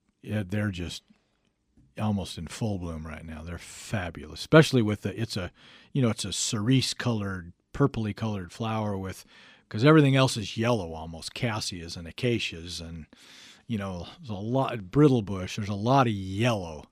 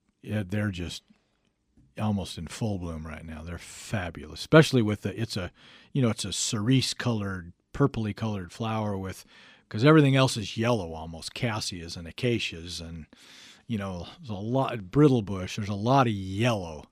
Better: neither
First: none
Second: none

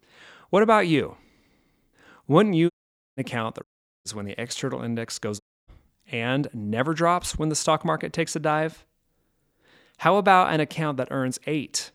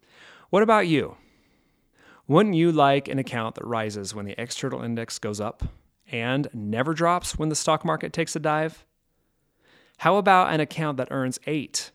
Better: second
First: audio cutting out; at 2.5 s, at 3.5 s and at 5.5 s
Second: none

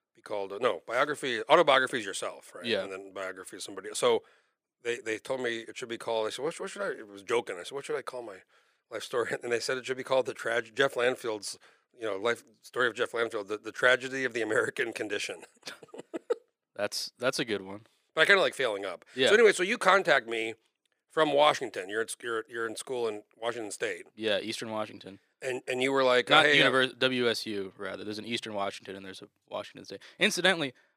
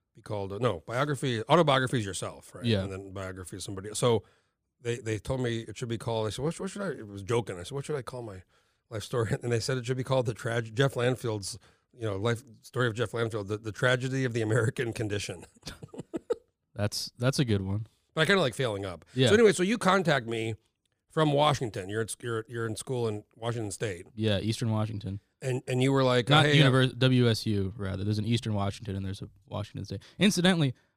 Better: second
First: thin; somewhat; fading below 400 Hz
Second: none

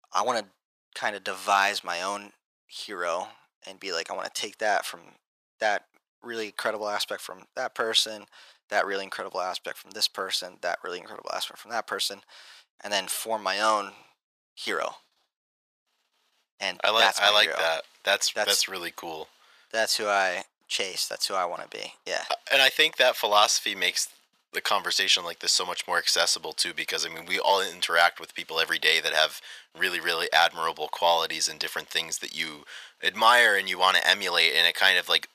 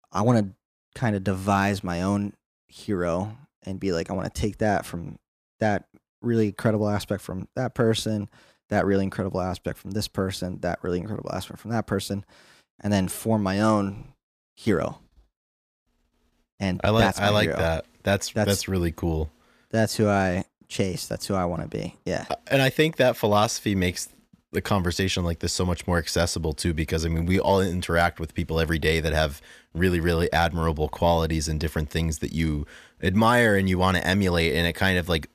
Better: second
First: thin; very; fading below 850 Hz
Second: none

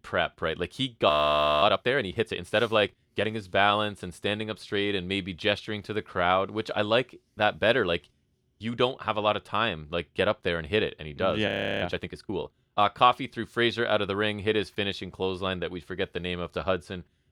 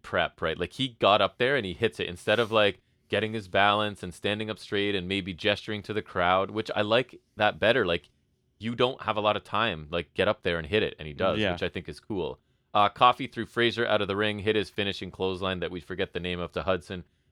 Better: second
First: audio freezing; at 1 s for 0.5 s and at 11 s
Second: none

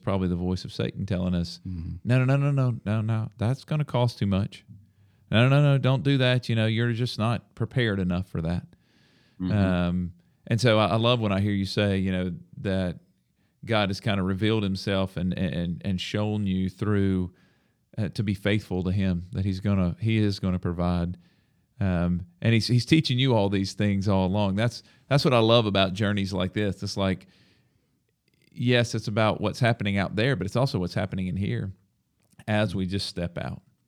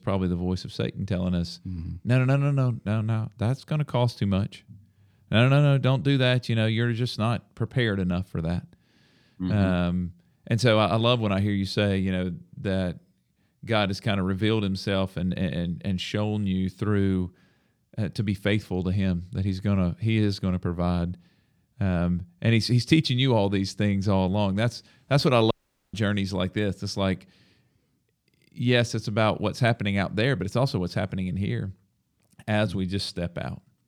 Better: first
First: none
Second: audio cutting out; at 26 s

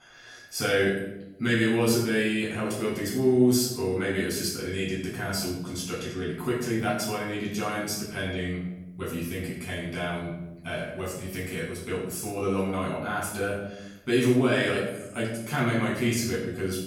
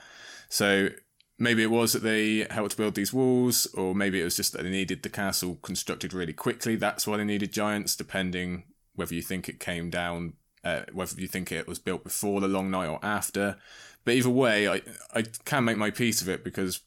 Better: second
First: off-mic speech; far // room echo; noticeable; dies away in 0.9 s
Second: none

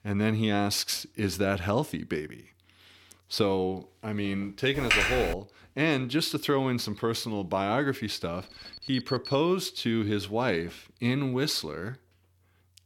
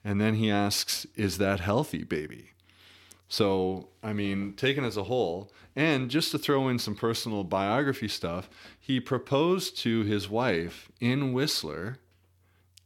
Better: second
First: keyboard typing; loud; at 5 s; peak 5 dB above the speech // alarm; noticeable; from 8.5 to 9.5 s; peak 9 dB below the speech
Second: none

